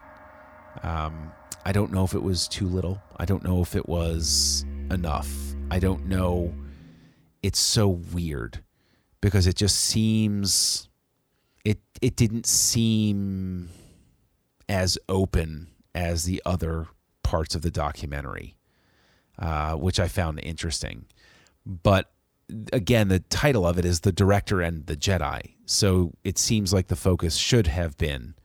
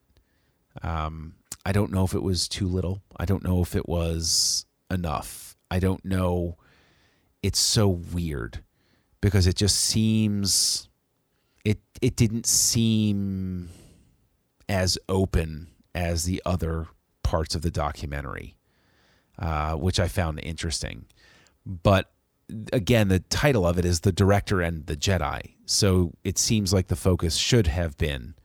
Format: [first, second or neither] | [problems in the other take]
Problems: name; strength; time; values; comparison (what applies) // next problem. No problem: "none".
second | background music; noticeable; until 7 s; 10 dB below the speech